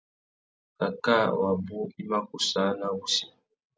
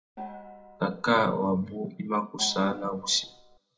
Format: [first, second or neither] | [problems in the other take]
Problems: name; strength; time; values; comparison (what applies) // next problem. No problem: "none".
first | background sound (Gong); 16 dB below the speech // room echo; dies away in 0.2 s